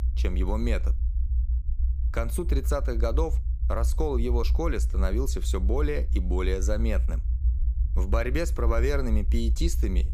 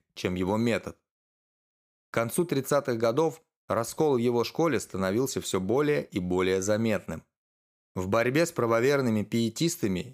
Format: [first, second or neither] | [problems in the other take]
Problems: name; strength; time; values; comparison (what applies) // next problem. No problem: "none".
second | low rumble; noticeable; throughout; 15 dB below the speech